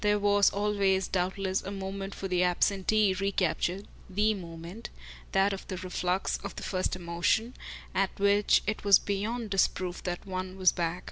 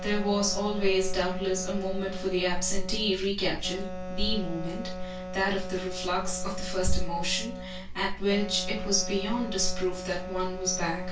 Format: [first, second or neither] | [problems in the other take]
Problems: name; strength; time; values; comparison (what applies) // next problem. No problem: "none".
first | background sound (Wind instrument, woodwind instrument); 11 dB below the speech // room echo; dies away in 0.3 s